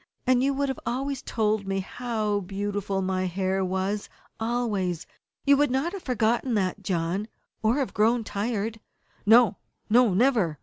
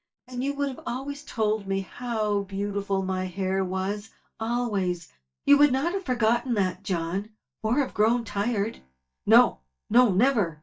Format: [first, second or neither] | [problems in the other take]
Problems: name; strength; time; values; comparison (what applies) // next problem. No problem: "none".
first | noise reduction (neural mask model DeepFilterNet 3)